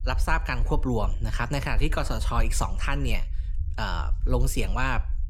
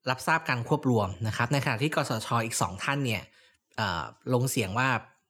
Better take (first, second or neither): second